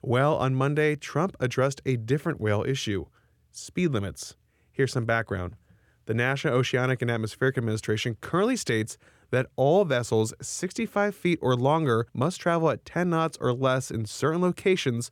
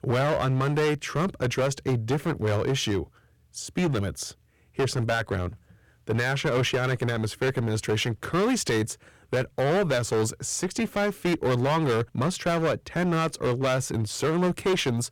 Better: first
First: none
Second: distortion; heavy; 14% of the sound clipped

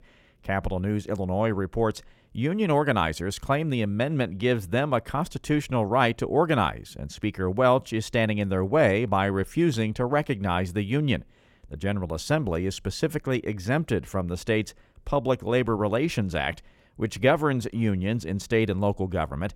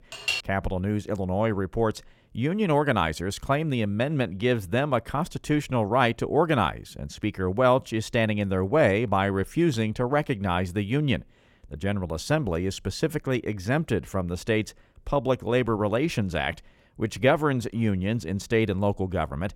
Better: first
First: none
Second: clattering dishes; noticeable; at the start; peak 2 dB below the speech

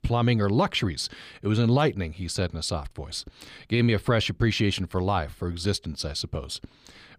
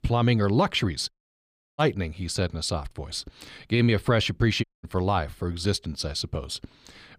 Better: first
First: none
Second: audio cutting out; at 1 s for 0.5 s and at 4.5 s

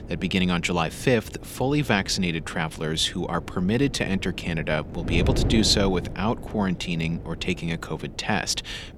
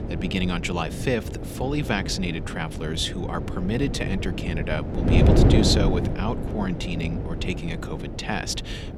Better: first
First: wind noise on the microphone; occasional gusts; 15 dB below the speech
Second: wind noise on the microphone; heavy; 4 dB below the speech

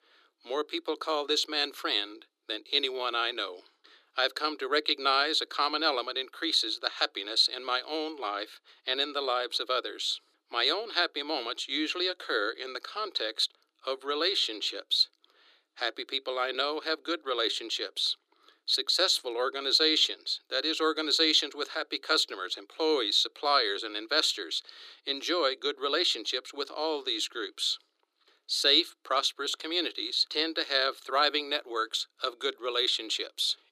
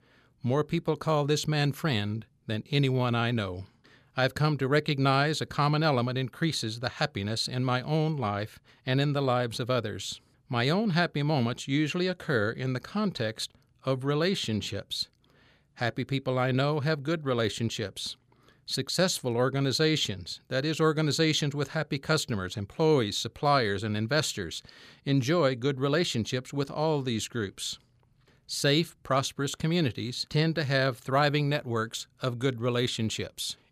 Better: second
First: thin; very; fading below 300 Hz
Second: none

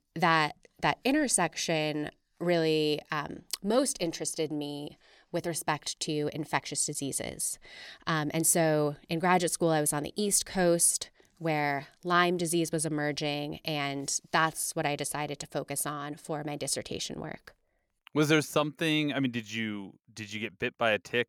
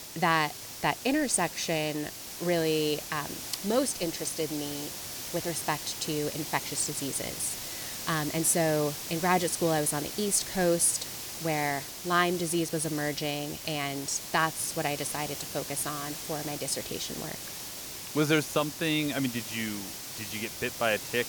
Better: first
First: none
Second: hiss; loud; throughout; 7 dB below the speech

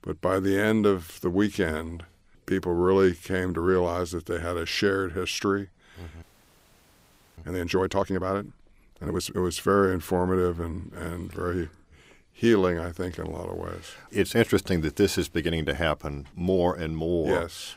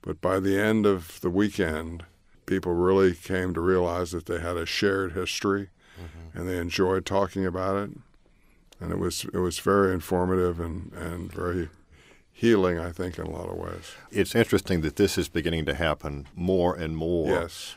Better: second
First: audio freezing; at 6 s for 1 s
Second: none

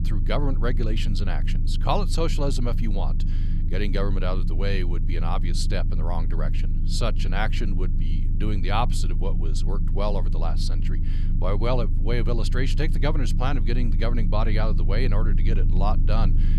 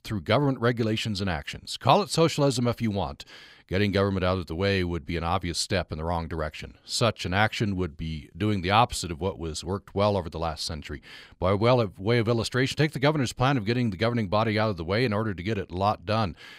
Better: second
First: low rumble; noticeable; throughout; 10 dB below the speech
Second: none

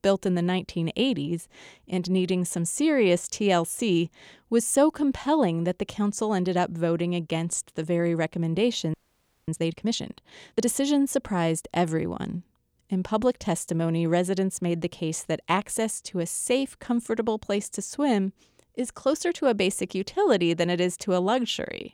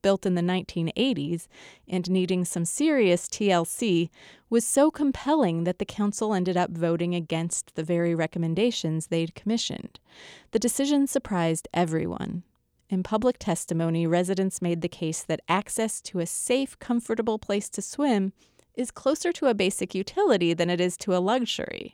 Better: second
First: audio freezing; at 9 s for 0.5 s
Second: none

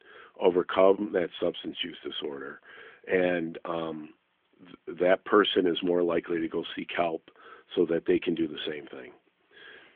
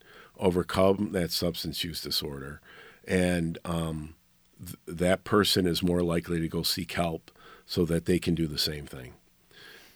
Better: second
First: phone-call audio; nothing above 3.5 kHz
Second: none

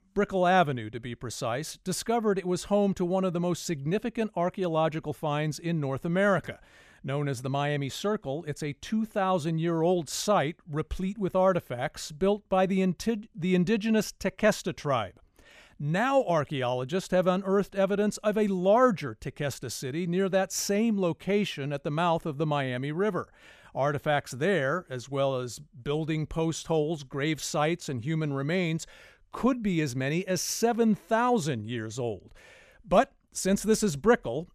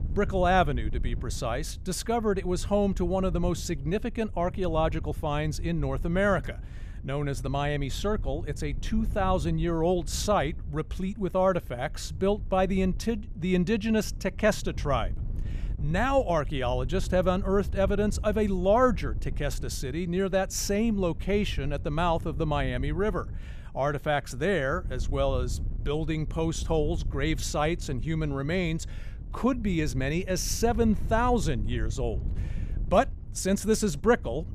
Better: first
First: none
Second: wind noise on the microphone; occasional gusts; 25 dB below the speech

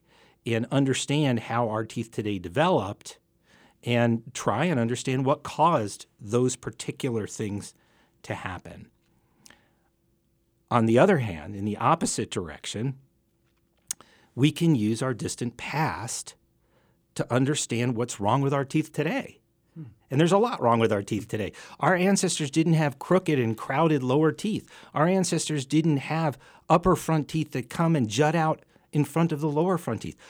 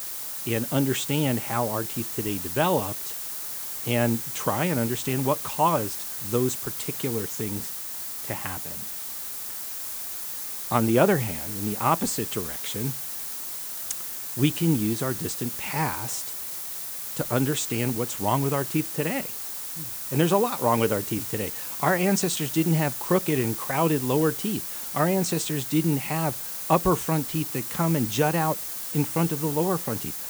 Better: first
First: none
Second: hiss; loud; throughout; 4 dB below the speech

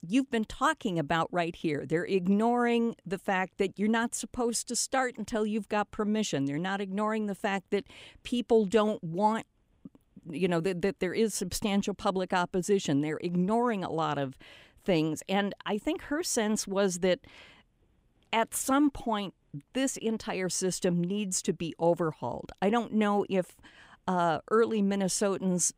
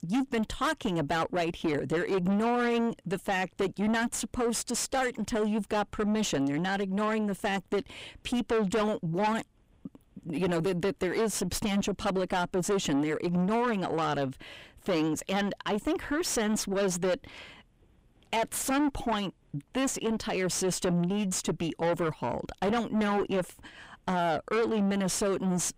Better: first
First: none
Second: distortion; heavy; 5 dB below the speech

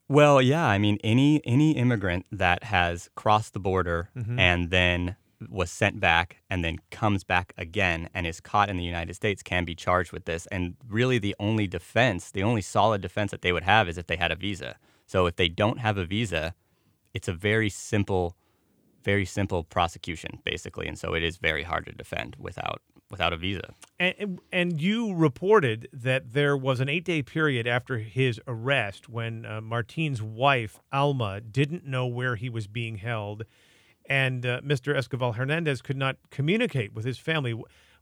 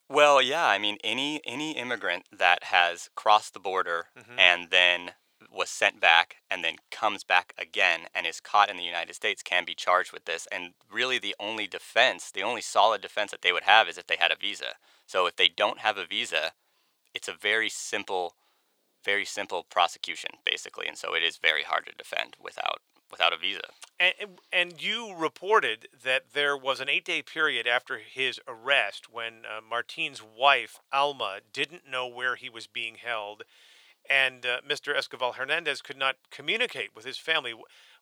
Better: first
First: none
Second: thin; very; fading below 700 Hz

